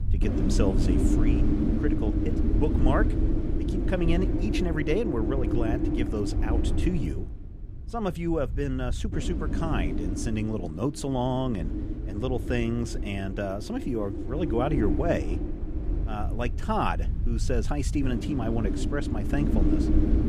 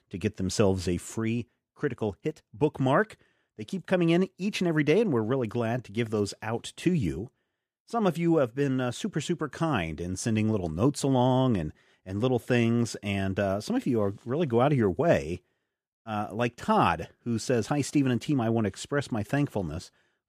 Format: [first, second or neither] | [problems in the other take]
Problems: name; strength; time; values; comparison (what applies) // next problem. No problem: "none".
second | wind noise on the microphone; heavy; 3 dB below the speech